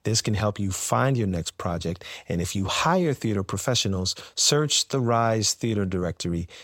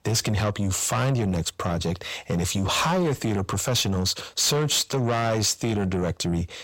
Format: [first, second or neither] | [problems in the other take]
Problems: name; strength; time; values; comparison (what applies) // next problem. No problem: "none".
first | distortion; heavy; 8 dB below the speech